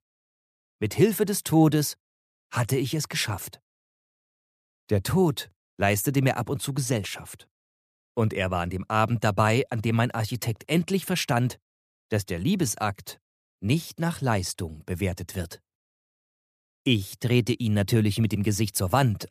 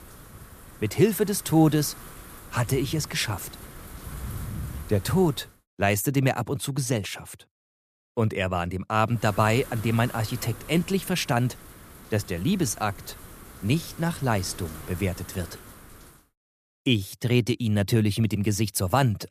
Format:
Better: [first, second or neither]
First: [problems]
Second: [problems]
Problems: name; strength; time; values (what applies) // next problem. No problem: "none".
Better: first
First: none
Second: wind noise on the microphone; occasional gusts; until 5.5 s and from 9 to 16 s; 20 dB below the speech